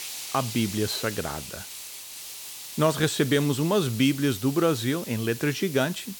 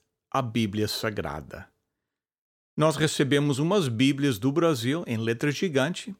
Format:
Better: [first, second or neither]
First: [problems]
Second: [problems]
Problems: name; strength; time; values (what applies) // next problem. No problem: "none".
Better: second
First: hiss; noticeable; throughout; 10 dB below the speech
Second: none